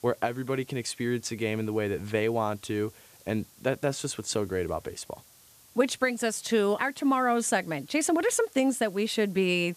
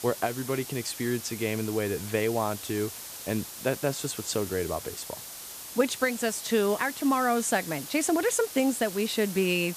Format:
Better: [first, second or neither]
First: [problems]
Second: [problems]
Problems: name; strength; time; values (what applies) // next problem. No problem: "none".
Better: first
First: hiss; faint; throughout; 25 dB below the speech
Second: hiss; loud; throughout; 10 dB below the speech